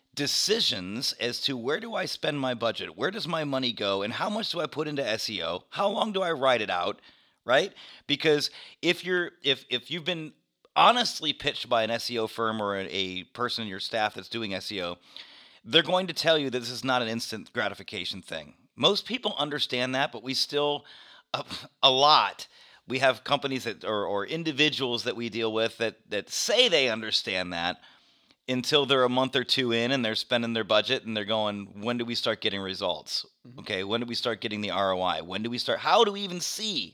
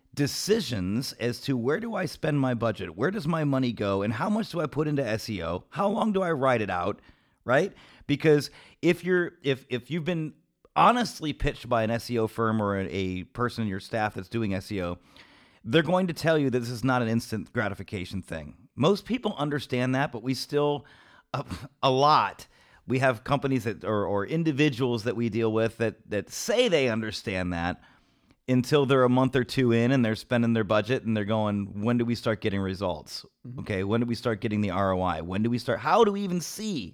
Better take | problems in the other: second | thin; very slightly; fading below 700 Hz

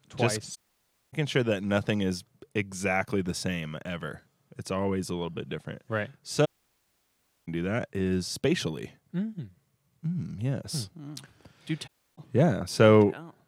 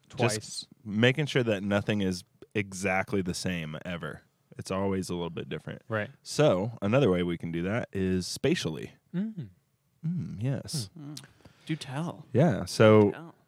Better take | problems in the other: second | audio cutting out; at 0.5 s for 0.5 s, at 6.5 s for 1 s and at 12 s

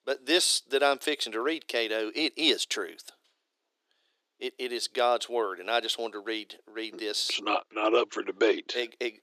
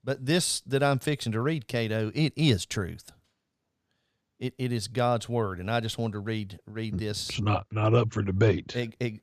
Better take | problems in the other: second | thin; very; fading below 350 Hz

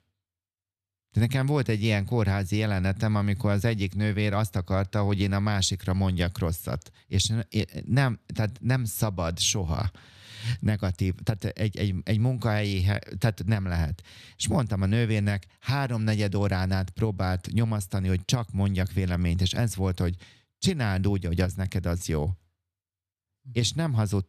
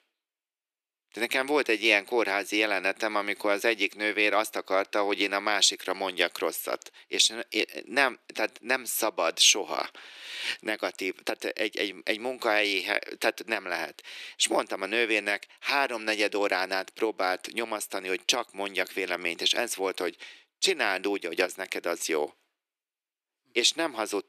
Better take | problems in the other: first | thin; very; fading below 350 Hz

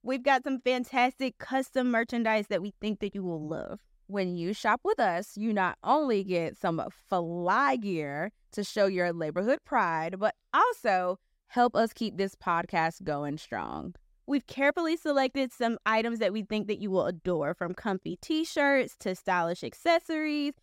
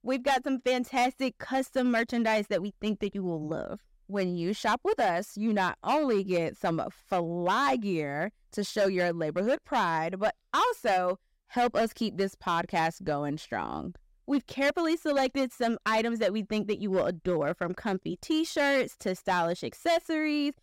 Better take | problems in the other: first | distortion; slight; 6% of the sound clipped

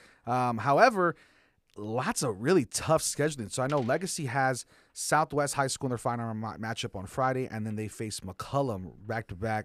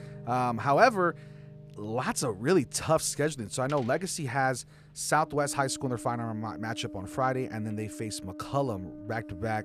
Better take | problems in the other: first | background music; noticeable; throughout; 15 dB below the speech

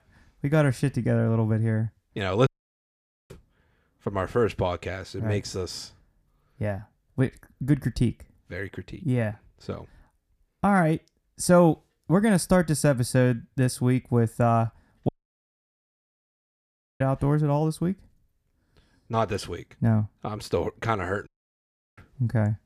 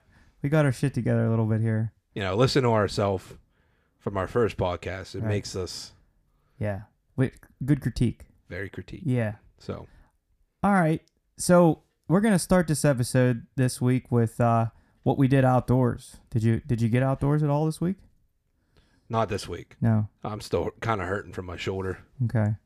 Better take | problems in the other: second | audio cutting out; at 2.5 s for 1 s, at 15 s for 2 s and at 21 s for 0.5 s

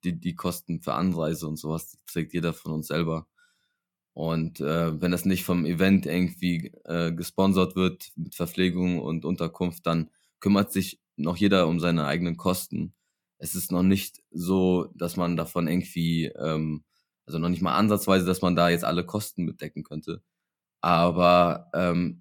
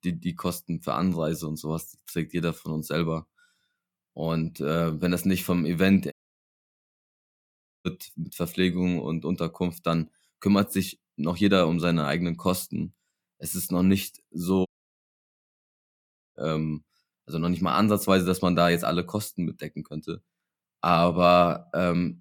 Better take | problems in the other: first | audio cutting out; at 6 s for 1.5 s and at 15 s for 1.5 s

